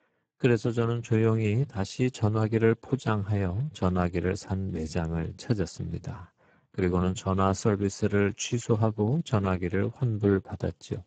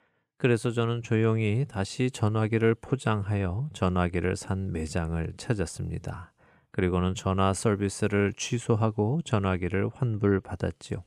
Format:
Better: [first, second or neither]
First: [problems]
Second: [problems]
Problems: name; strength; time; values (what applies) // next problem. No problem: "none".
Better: second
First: garbled, watery; badly; nothing above 7.5 kHz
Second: none